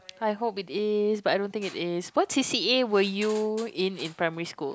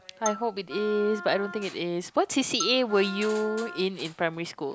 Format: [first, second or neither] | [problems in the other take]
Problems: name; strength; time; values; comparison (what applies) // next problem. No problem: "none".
first | background sound (Marimba, xylophone + Wind instrument, woodwind instrument); 12 dB below the speech